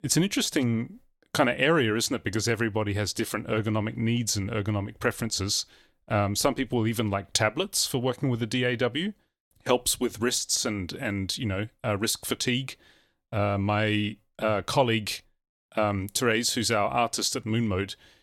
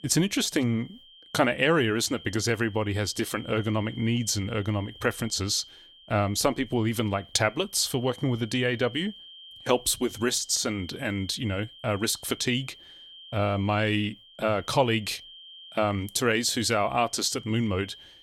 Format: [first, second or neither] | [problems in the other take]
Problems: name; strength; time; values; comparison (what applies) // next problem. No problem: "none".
first | high-pitched whine; noticeable; throughout; 3 kHz, 20 dB below the speech